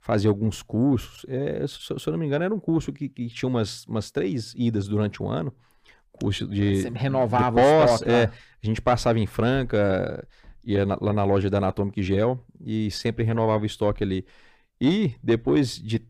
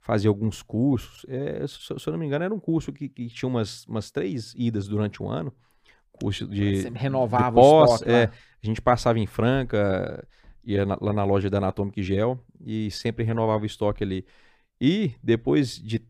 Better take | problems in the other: second | distortion; slight; 10 dB below the speech

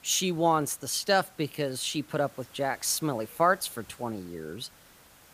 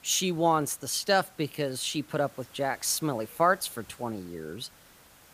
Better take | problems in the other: neither | hiss; faint; throughout; 25 dB below the speech; the same in both

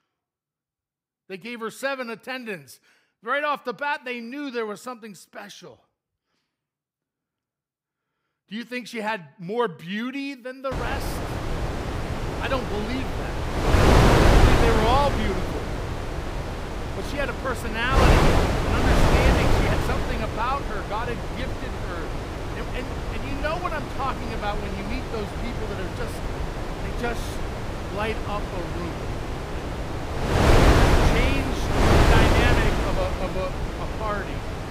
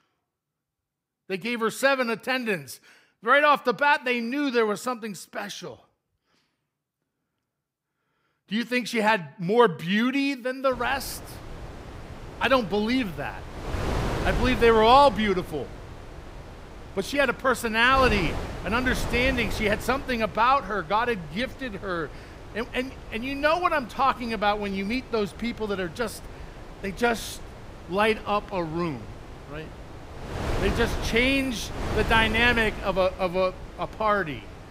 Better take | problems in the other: second | wind noise on the microphone; heavy; from 11 s on; 2 dB above the speech; occasional gusts in the second

